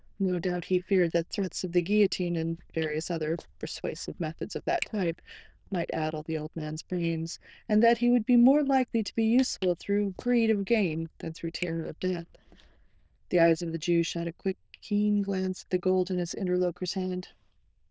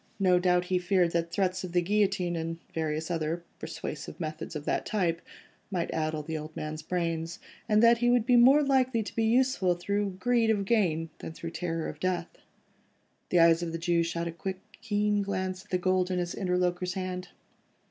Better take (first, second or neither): second